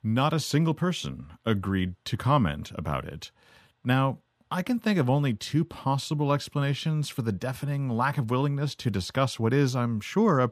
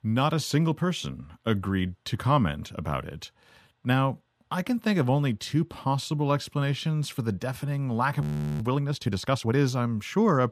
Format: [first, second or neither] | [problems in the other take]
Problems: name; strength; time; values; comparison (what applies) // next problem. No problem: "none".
first | audio freezing; at 8 s